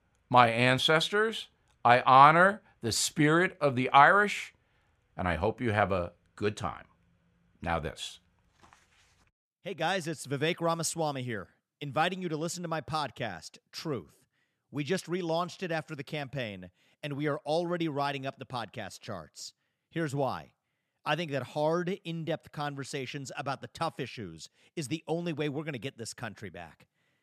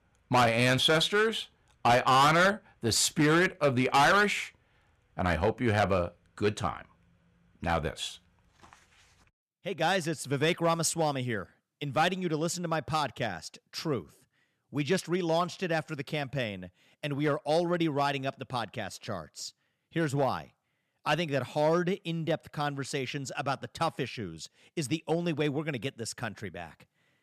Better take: first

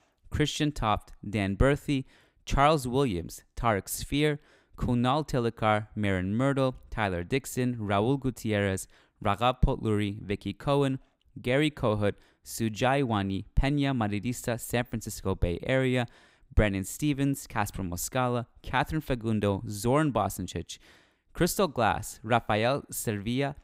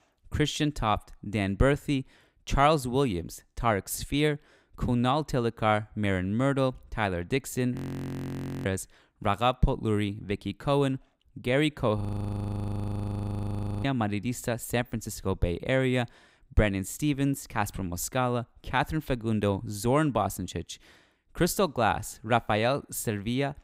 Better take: first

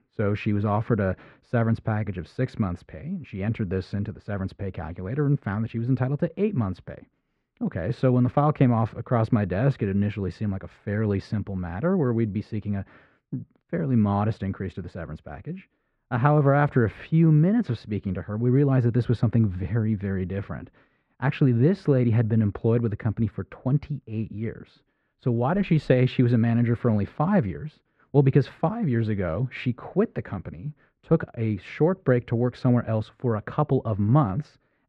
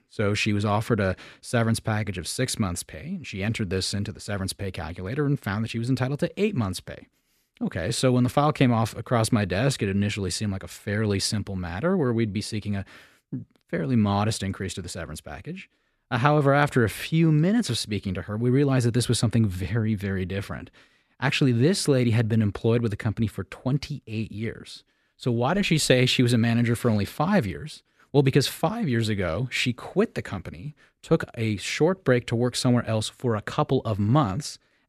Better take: second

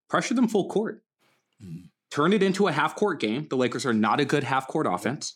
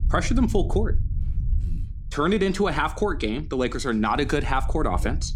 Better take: first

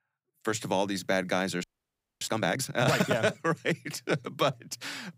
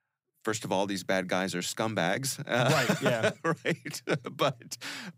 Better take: second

